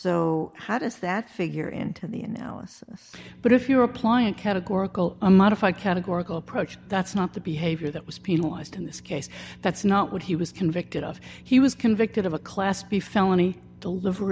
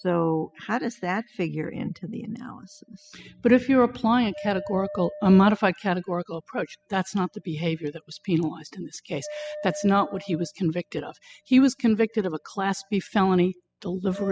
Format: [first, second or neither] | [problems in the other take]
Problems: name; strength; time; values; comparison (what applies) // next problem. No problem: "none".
first | noise reduction (classical method spectral subtraction)